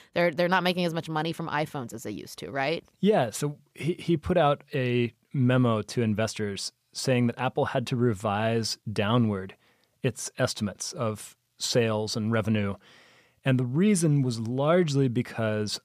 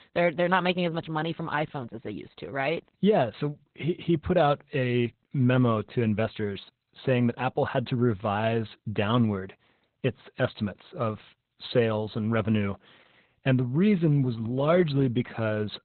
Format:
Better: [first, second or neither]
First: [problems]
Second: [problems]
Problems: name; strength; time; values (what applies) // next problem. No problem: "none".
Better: first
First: none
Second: garbled, watery; badly; nothing above 4 kHz